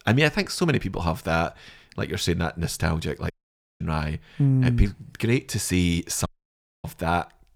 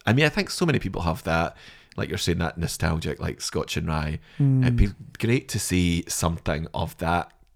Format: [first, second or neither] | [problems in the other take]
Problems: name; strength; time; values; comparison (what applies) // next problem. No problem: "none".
second | audio cutting out; at 3.5 s for 0.5 s and at 6.5 s for 0.5 s